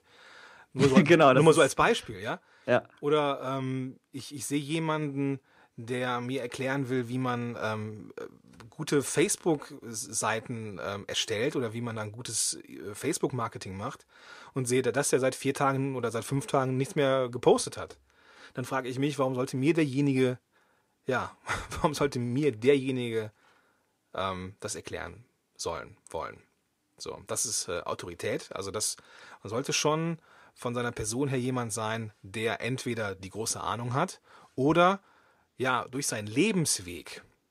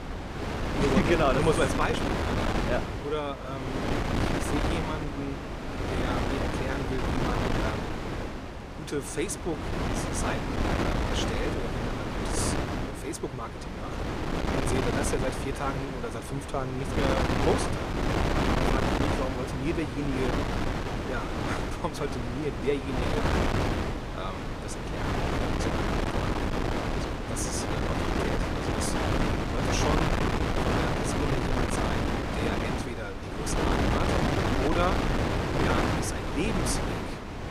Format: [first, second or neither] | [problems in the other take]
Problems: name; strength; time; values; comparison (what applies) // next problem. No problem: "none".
first | wind noise on the microphone; heavy; 3 dB above the speech